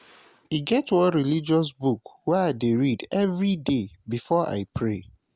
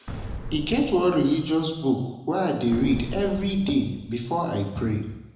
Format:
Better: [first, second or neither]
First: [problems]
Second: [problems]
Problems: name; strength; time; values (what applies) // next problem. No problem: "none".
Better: first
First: none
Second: background sound (Boom); 13 dB below the speech // room echo; dies away in 0.9 s